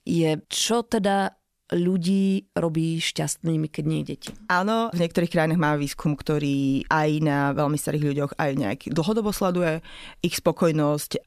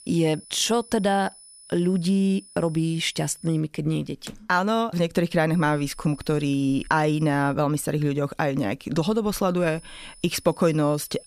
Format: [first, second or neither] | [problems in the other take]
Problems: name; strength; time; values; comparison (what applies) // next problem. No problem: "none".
first | high-pitched whine; faint; until 3.5 s, from 5.5 to 7.5 s and from 9.5 s on; 10 kHz, 20 dB below the speech